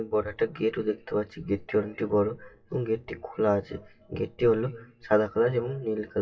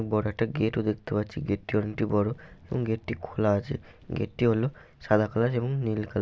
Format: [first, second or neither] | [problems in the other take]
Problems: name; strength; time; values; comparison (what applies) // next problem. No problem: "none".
second | noise reduction (classical method WPE with log-MMSE)